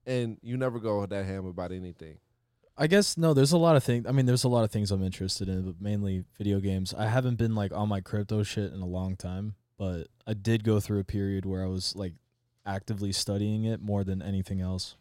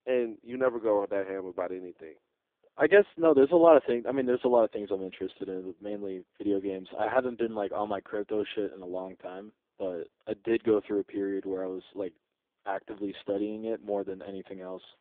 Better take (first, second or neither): first